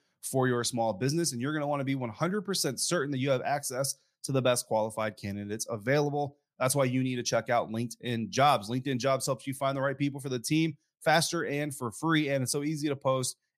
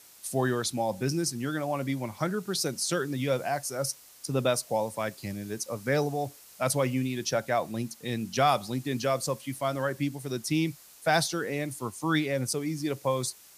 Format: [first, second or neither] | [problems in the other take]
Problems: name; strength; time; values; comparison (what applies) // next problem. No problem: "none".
first | hiss; faint; throughout; 20 dB below the speech